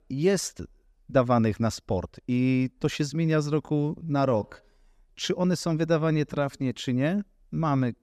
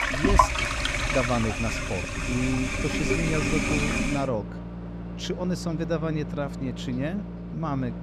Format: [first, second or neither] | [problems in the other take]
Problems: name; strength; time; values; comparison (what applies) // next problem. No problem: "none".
first | household noises; very loud; throughout; 2 dB above the speech